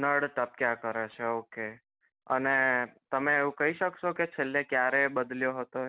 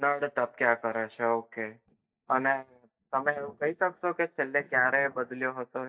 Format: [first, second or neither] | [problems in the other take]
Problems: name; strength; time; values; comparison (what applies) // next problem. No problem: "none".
first | noise reduction (neural mask model DeepFilterNet 3)